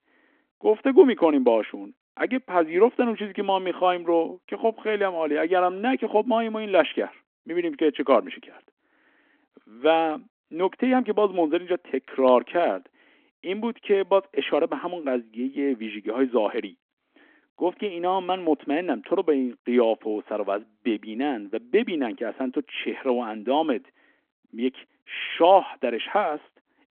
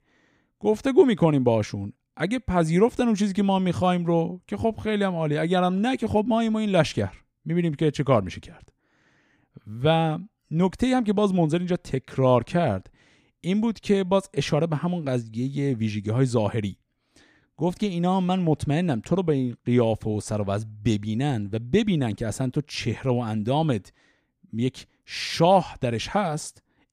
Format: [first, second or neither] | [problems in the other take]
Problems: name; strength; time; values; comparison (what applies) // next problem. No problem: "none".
second | phone-call audio